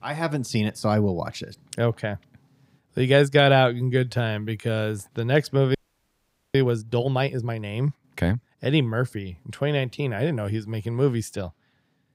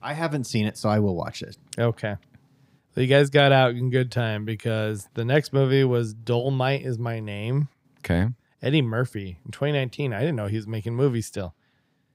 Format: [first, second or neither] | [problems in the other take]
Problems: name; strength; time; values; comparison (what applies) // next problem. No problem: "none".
second | audio freezing; at 6 s for 1 s